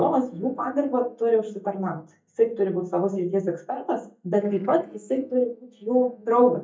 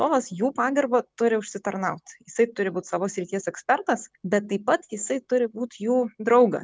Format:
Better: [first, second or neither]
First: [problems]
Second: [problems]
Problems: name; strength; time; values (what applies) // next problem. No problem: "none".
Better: second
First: noise reduction (neural mask model DeepFilterNet 3)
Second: none